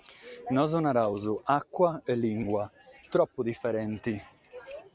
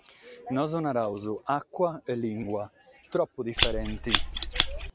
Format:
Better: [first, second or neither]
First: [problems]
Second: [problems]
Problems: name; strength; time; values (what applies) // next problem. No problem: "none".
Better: first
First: none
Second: background sound (Scissors); 3 dB above the speech